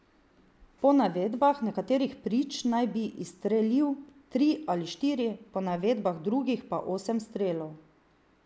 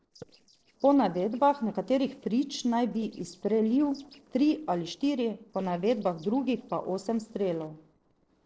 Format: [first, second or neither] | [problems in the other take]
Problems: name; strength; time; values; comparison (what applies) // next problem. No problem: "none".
first | noise reduction (neural separator model SepFormer DNS4)